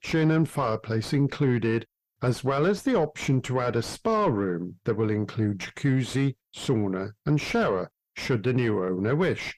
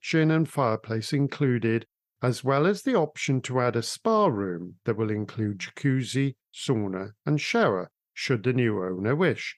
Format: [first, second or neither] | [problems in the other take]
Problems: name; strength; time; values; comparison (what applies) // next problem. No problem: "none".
second | distortion; slight; 10 dB below the speech